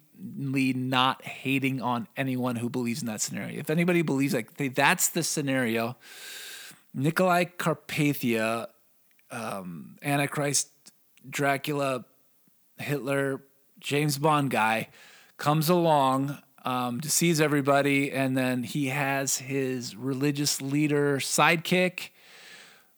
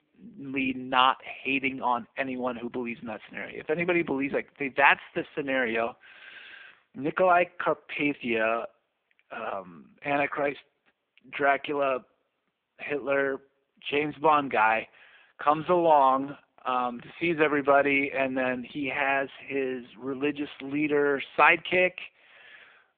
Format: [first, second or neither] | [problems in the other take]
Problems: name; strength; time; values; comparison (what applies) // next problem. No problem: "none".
first | phone-call audio; poor line